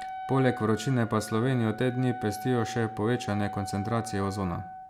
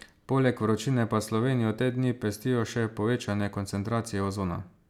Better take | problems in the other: second | background sound (Wind instrument, woodwind instrument); 11 dB below the speech

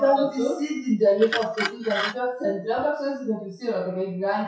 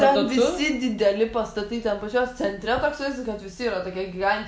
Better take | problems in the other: second | noise reduction (classical method WPE with log-MMSE)

